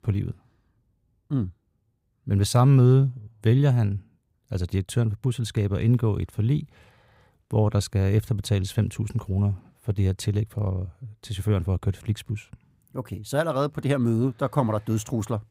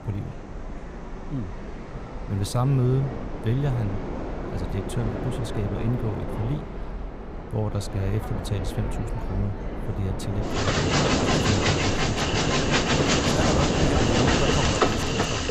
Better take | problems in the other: first | train or aircraft noise; very loud; throughout; 4 dB above the speech

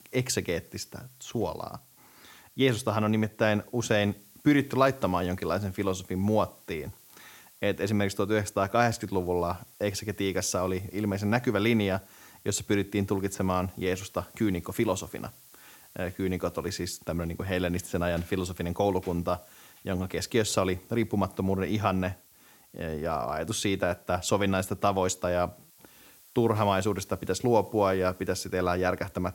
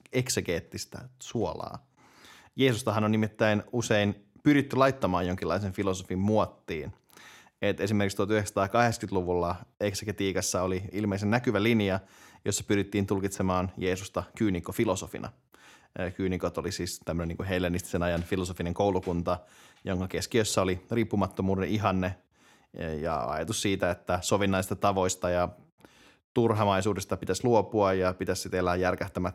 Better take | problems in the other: second | hiss; faint; throughout; 25 dB below the speech

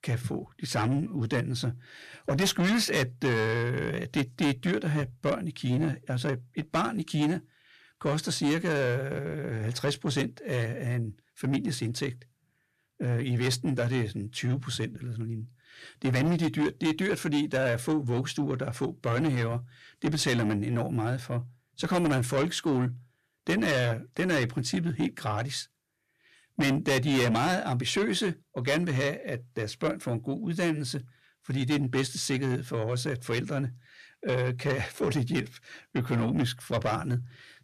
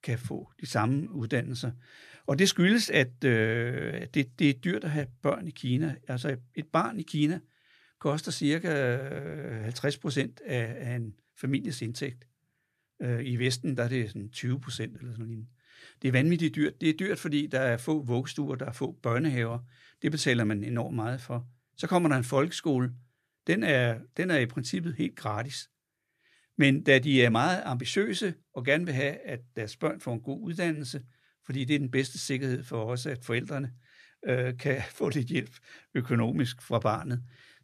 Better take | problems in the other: second | distortion; heavy; 7 dB below the speech

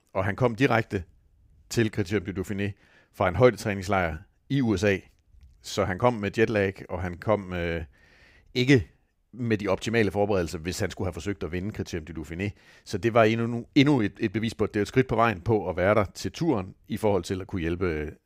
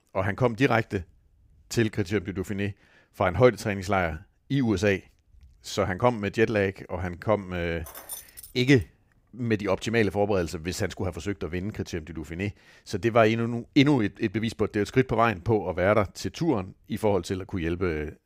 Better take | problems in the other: first | jangling keys; faint; at 8 s; peak 10 dB below the speech

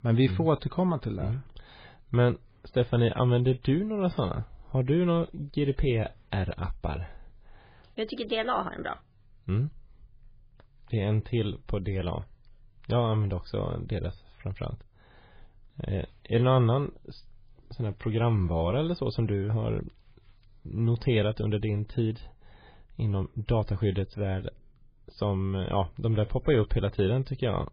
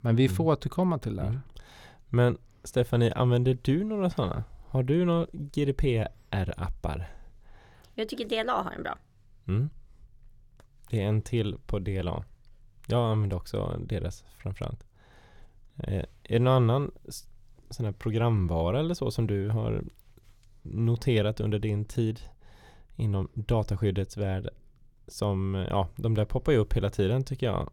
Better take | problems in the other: second | garbled, watery; badly; nothing above 11 kHz

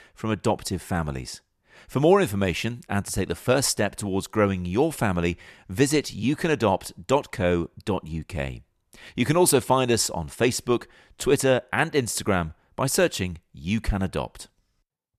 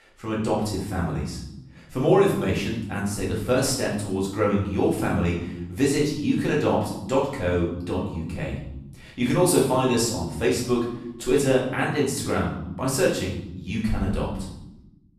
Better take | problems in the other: first | room echo; noticeable; dies away in 1 s // off-mic speech; far

